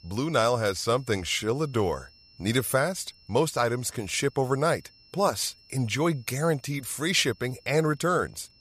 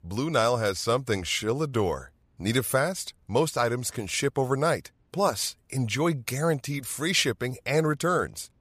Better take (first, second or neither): second